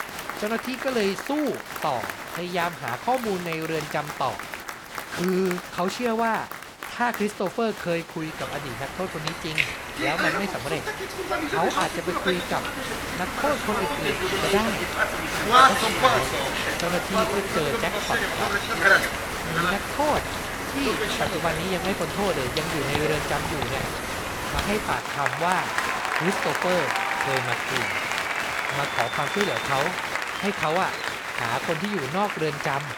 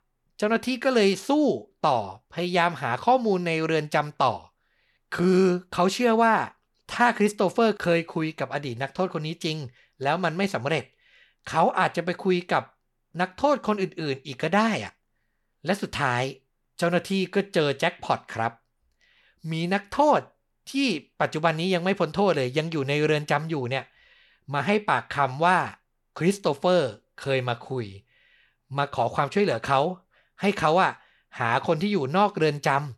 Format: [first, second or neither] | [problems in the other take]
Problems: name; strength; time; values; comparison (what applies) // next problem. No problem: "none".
second | crowd noise; very loud; throughout; 2 dB above the speech